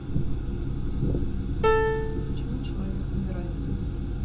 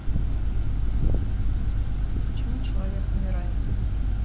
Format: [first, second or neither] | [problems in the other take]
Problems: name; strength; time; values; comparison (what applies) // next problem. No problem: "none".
second | background sound (Piano); 1 dB below the speech // room echo; dies away in 0.2 s